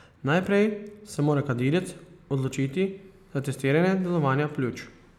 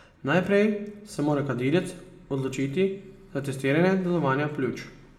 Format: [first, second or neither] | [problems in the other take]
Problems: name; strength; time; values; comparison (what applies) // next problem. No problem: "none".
first | room echo; dies away in 0.5 s